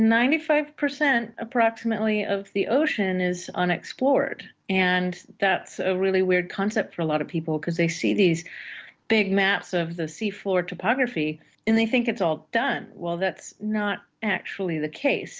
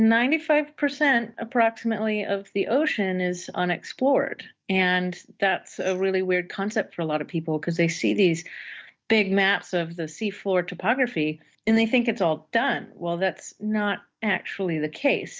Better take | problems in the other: first | noise reduction (neural mask model DeepFilterNet 3)

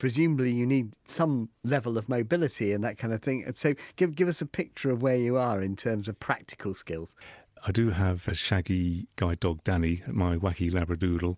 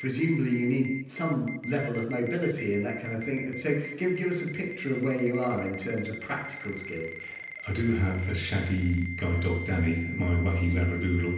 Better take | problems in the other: first | background sound (Ringtone); 12 dB below the speech // room echo; dies away in 0.9 s

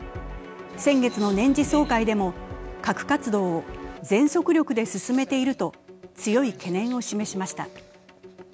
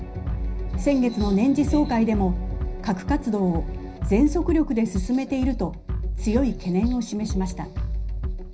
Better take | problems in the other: first | background sound (Bass drum); 5 dB below the speech // room echo; dies away in 0.5 s

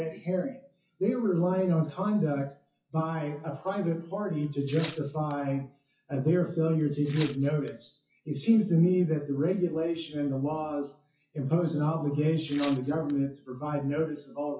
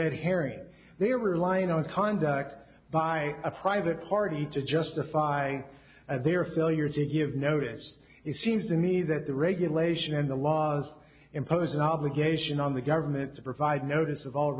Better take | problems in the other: second | noise reduction (classical method WPE with log-MMSE)

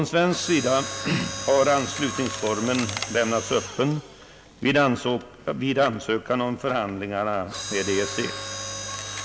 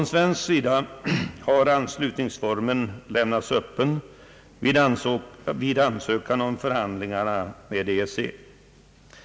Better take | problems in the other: second | background sound (Mechanisms); 10 dB below the speech

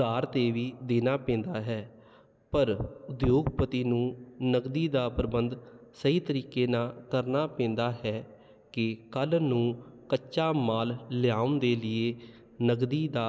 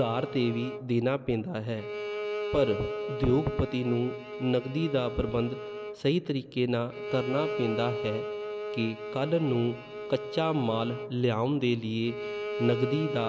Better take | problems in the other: first | background sound (Bowed string instrument); 7 dB below the speech

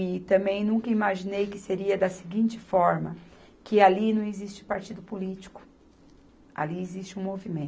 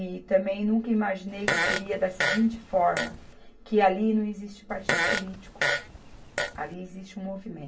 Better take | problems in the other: first | background sound (Fart); 1 dB below the speech // room echo; dies away in 0.1 s

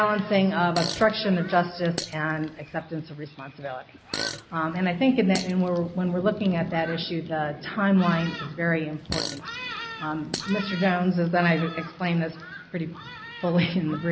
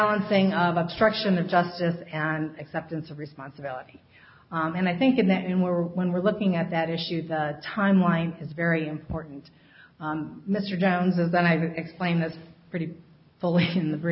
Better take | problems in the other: second | background sound (Thunderstorm + Fart); 12 dB below the speech

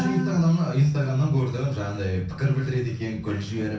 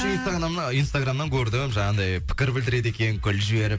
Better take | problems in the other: second | room echo; dies away in 0.6 s

